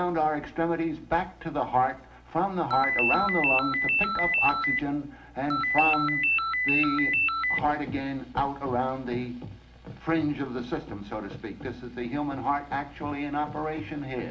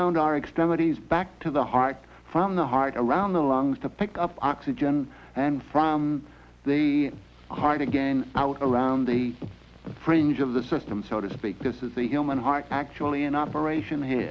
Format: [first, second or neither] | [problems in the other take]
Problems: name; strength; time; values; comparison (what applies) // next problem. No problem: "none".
second | background sound (Ringtone); 3 dB above the speech // room echo; dies away in 0.7 s